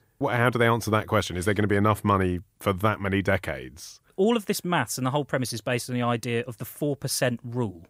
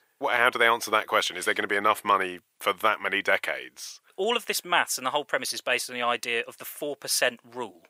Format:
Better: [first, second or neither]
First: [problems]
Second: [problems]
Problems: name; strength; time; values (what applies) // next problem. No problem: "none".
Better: first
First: none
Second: thin; very; fading below 550 Hz